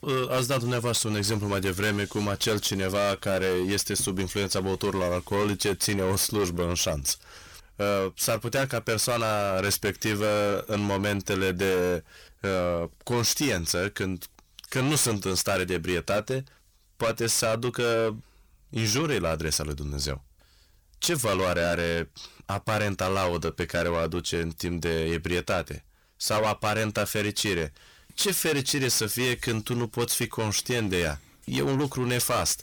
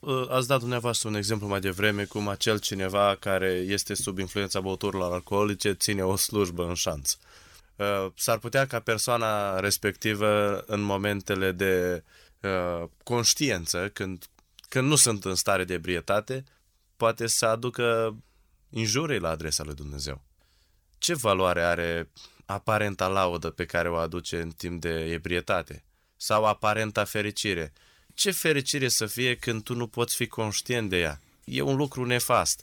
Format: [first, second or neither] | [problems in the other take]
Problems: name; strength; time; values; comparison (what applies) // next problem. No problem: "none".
second | distortion; heavy; 6 dB below the speech